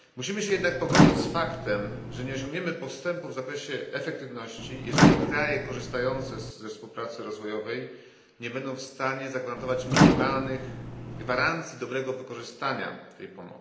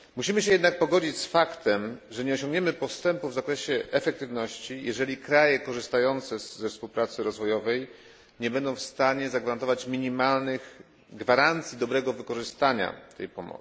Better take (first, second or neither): second